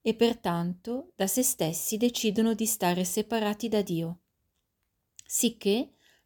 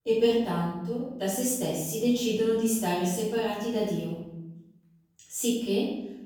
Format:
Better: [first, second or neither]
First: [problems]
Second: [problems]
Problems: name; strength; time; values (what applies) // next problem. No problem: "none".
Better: first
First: none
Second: room echo; noticeable; dies away in 0.8 s // off-mic speech; far